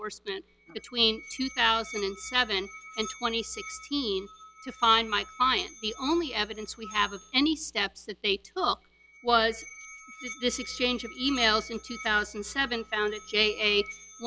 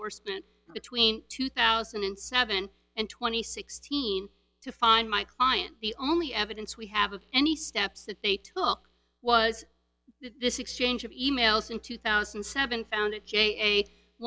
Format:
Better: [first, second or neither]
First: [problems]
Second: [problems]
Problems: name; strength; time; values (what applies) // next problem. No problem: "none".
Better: second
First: background sound (Musical instrument); 17 dB below the speech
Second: none